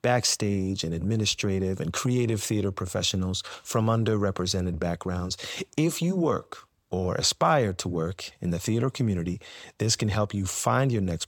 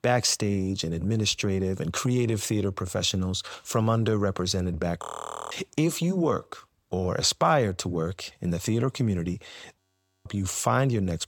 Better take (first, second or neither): first